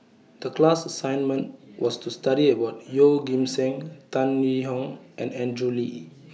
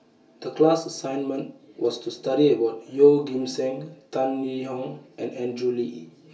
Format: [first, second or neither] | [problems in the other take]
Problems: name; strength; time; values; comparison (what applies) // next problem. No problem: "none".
first | room echo; dies away in 0.2 s